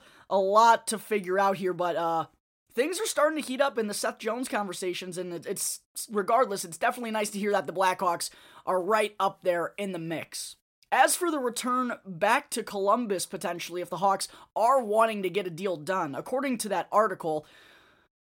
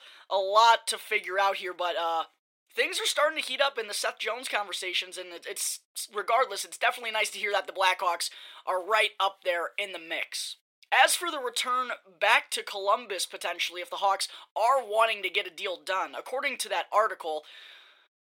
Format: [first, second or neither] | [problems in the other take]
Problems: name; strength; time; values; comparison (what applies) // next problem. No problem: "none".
first | thin; very; fading below 450 Hz